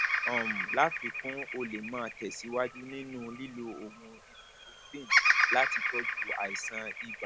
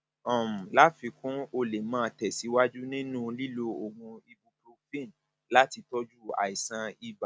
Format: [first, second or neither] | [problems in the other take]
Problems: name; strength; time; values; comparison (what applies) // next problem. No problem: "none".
second | background sound (Bird vocalization, bird call, bird song); 4 dB above the speech